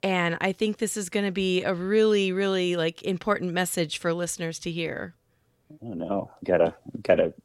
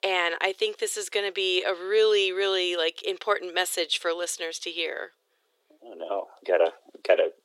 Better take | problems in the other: first | thin; very; fading below 400 Hz

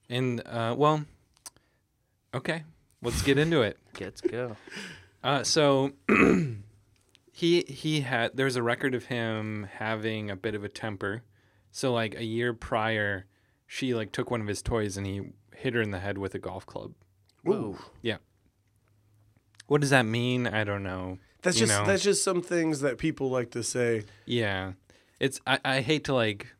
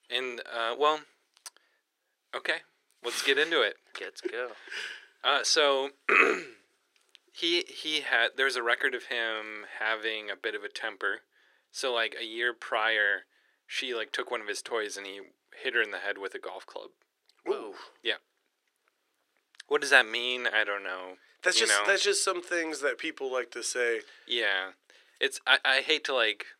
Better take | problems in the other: first | thin; very; fading below 400 Hz

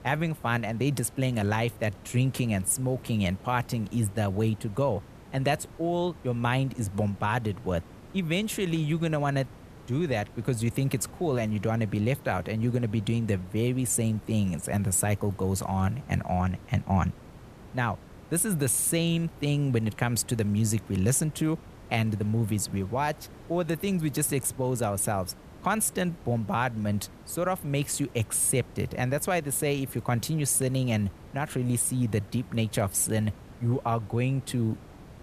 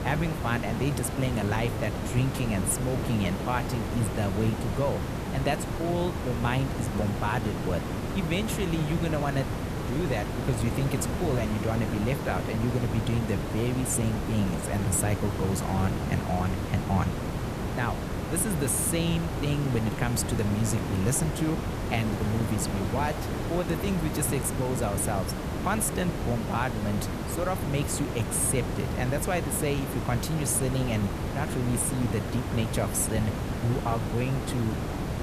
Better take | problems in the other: first | hiss; loud; throughout; 2 dB below the speech; faint in the first

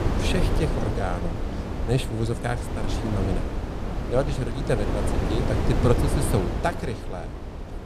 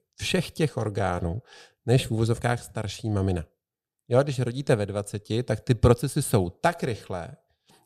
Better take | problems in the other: second | wind noise on the microphone; heavy; 3 dB below the speech

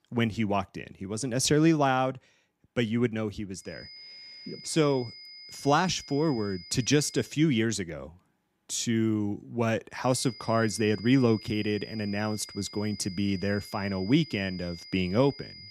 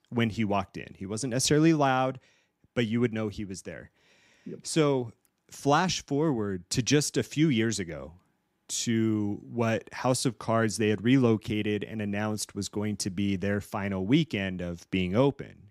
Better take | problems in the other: second | high-pitched whine; noticeable; from 3.5 to 7.5 s and from 10 s on; 5 kHz, 15 dB below the speech

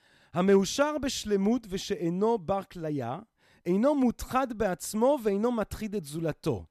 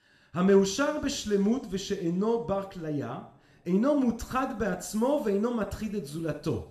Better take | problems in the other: first | room echo; slight; dies away in 0.9 s

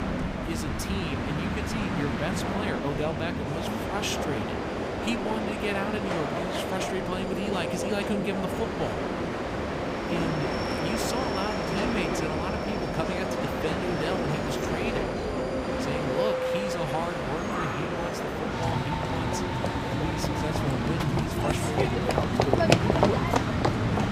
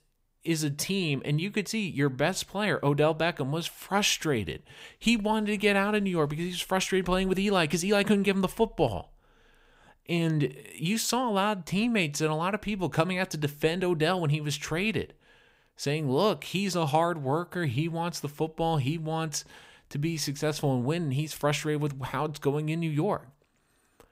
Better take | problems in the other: second | train or aircraft noise; very loud; throughout; 5 dB above the speech

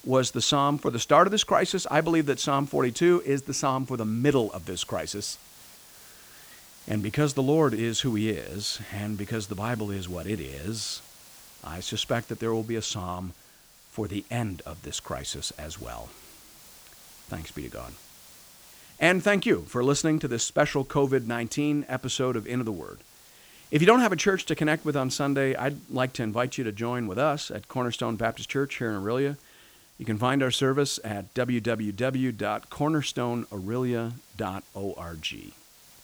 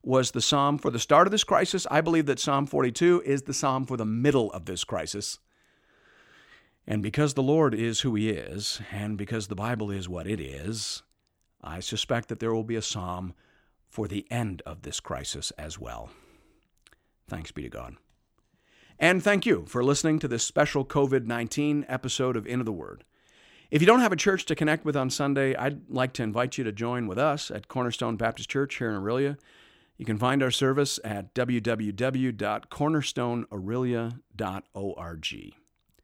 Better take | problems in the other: second | hiss; faint; throughout; 25 dB below the speech

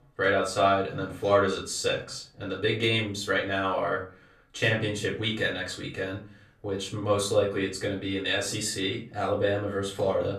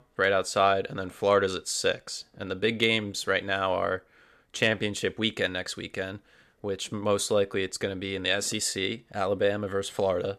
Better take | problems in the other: second | room echo; slight; dies away in 0.4 s // off-mic speech; far

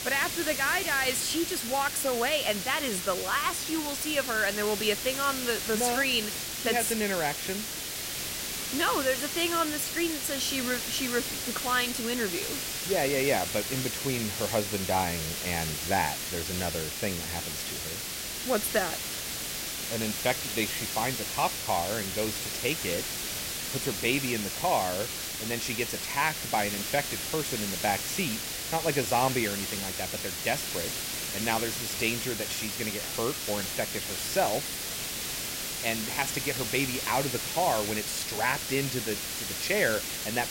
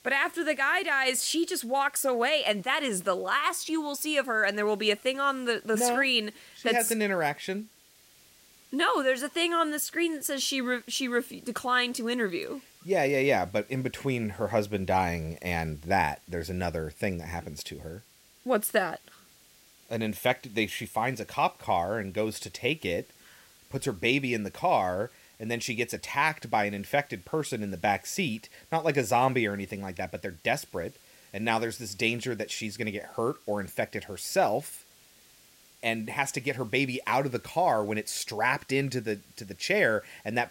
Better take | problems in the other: second | hiss; loud; throughout; 2 dB below the speech; faint in the second

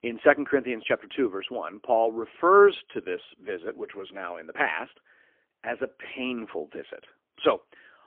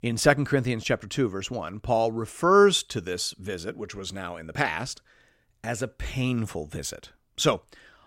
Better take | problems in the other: second | phone-call audio; poor line; nothing above 3.5 kHz

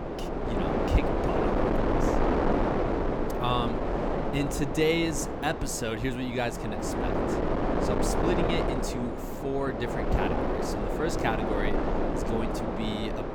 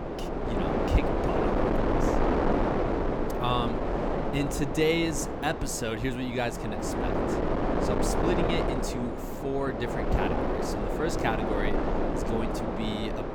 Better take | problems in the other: neither | wind noise on the microphone; heavy; 2 dB above the speech; the same in both

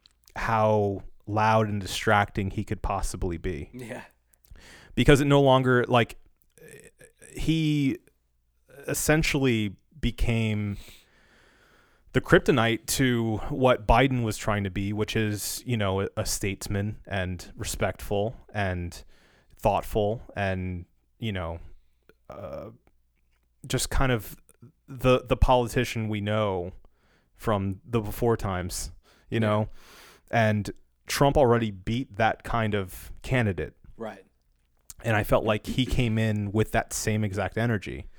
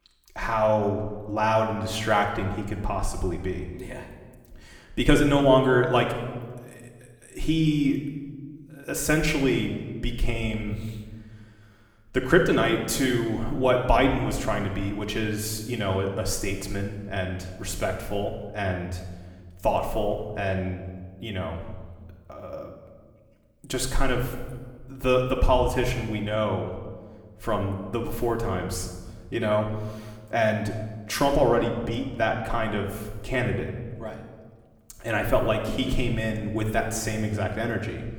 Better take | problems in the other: first | room echo; slight; dies away in 1.1 s // off-mic speech; somewhat distant

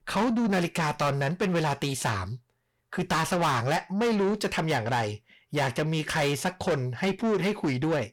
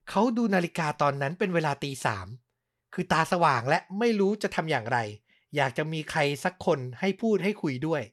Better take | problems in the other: second | distortion; heavy; 7 dB below the speech

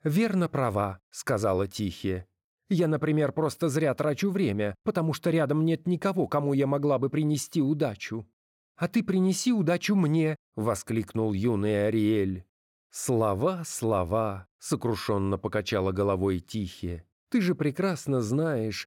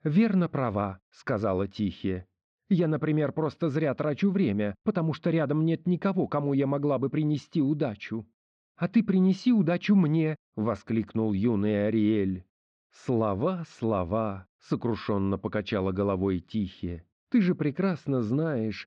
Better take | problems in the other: first | muffled; slightly; fading above 4 kHz

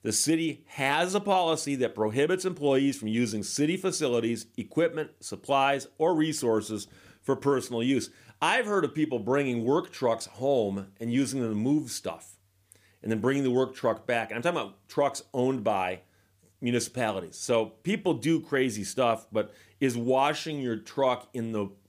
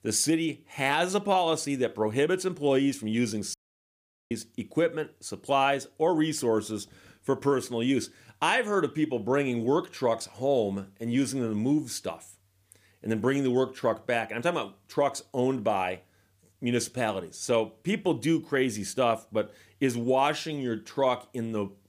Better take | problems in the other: first | audio cutting out; at 3.5 s for 1 s

